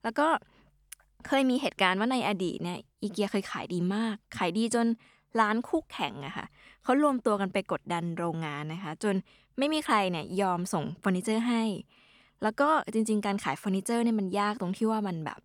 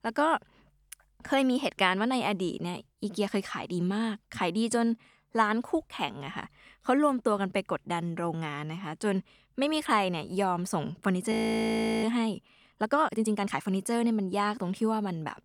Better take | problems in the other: first | audio freezing; at 11 s for 0.5 s

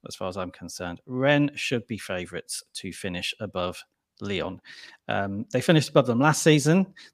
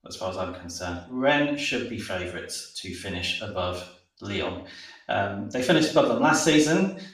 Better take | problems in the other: first | room echo; noticeable; dies away in 0.5 s // off-mic speech; far

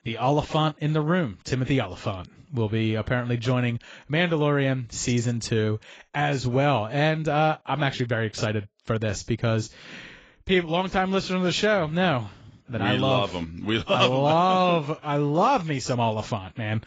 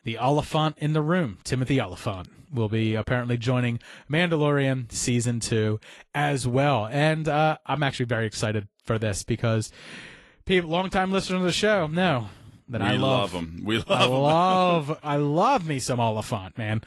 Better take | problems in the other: second | garbled, watery; badly; nothing above 7.5 kHz; slightly in the second

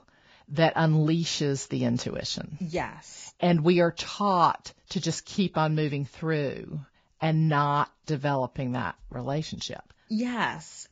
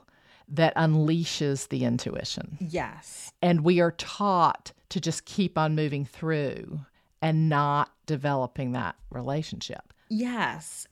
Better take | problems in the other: second | garbled, watery; badly; nothing above 7.5 kHz

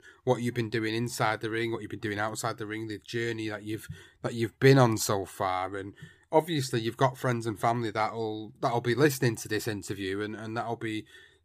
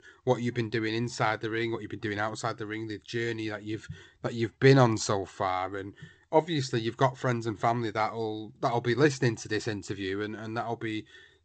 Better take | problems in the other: first | garbled, watery; slightly; nothing above 8 kHz

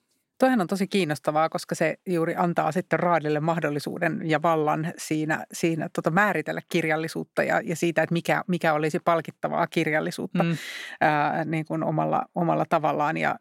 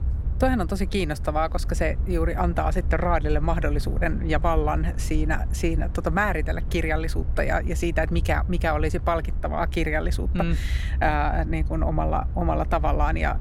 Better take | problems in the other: first | low rumble; noticeable; throughout; 20 dB below the speech

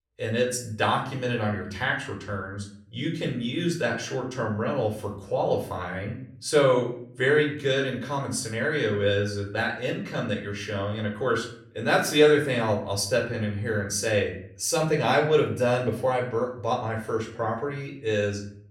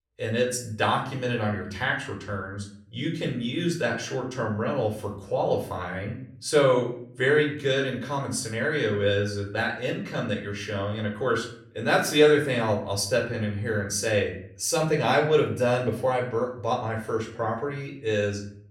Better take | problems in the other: neither | off-mic speech; far; the same in both // room echo; slight; dies away in 0.5 s; the same in both

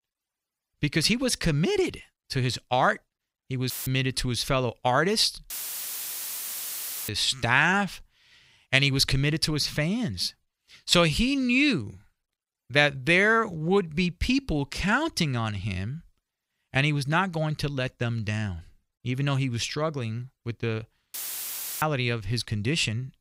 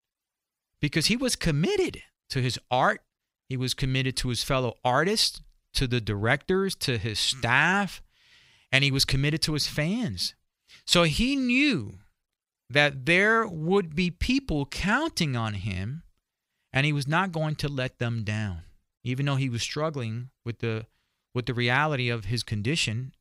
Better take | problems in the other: second | audio cutting out; filled with static; at 3.5 s, at 5.5 s for 1.5 s and at 21 s for 0.5 s

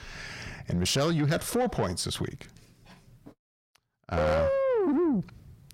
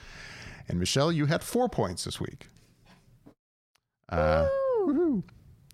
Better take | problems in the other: second | distortion; slight; 10 dB below the speech

